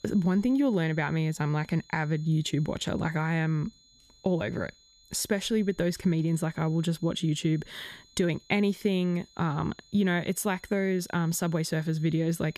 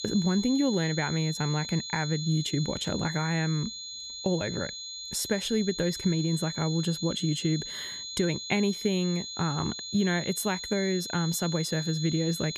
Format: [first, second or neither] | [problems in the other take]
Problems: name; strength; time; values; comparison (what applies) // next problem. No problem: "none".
first | high-pitched whine; loud; throughout; 4 kHz, 7 dB below the speech; faint in the first